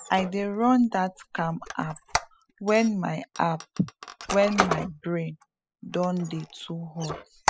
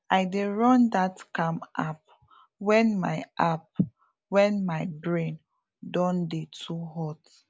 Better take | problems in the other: second | noise reduction (classical method spectral subtraction)

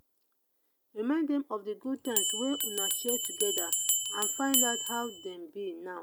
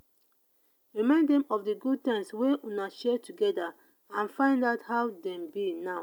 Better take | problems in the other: second | background sound (Bell); 3 dB above the speech

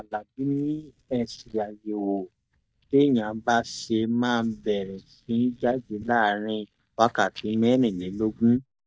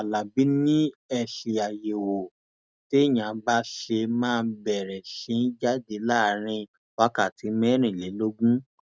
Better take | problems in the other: second | noise reduction (neural mask model DeepFilterNet 3)

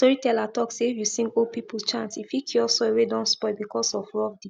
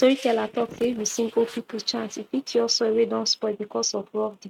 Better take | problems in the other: first | noise reduction (neural mask model RNNoise)

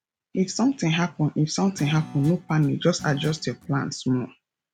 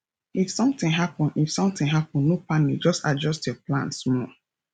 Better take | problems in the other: second | background sound (Guitar); 17 dB below the speech

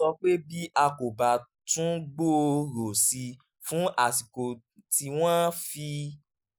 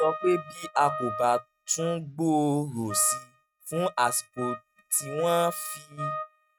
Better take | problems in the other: first | noise reduction (neural mask model RNNoise)

